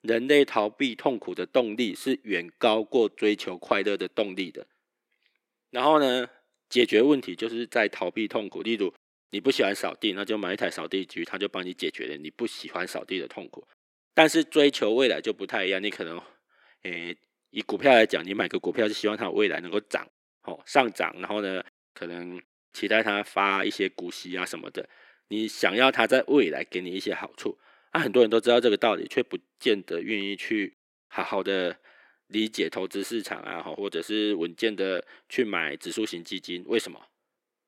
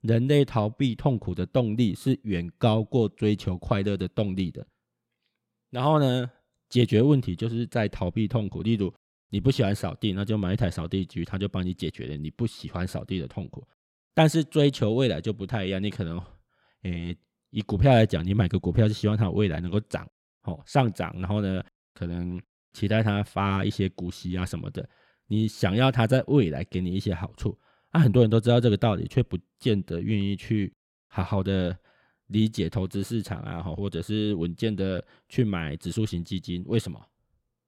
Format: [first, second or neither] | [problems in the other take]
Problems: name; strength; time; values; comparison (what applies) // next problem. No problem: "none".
second | thin; somewhat; fading below 300 Hz